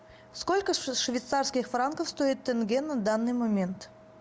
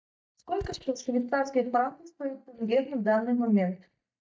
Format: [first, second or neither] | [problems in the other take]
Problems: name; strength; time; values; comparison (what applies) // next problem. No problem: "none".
first | noise reduction (neural mask model DeepFilterNet 3)